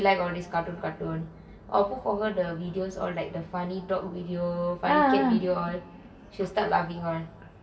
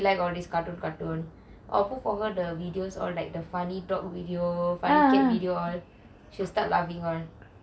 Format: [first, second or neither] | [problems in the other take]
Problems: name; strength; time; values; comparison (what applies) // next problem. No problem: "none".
second | room echo; dies away in 1 s